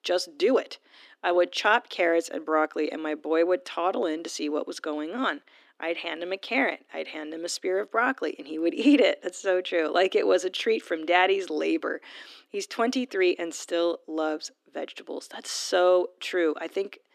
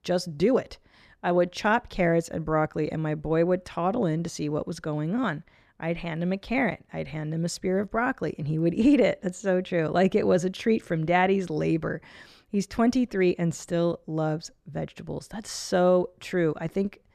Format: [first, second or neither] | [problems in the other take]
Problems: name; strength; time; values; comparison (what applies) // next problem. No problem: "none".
second | thin; very slightly; fading below 250 Hz